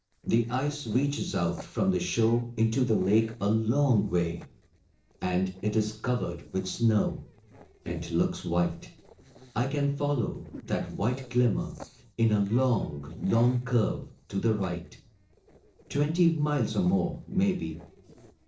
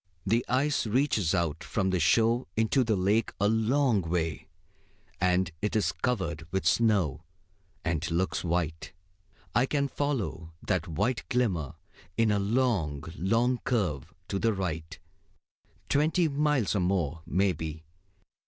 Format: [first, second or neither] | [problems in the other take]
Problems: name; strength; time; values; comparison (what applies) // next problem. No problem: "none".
second | noise reduction (neural separator model SepFormer DNS4)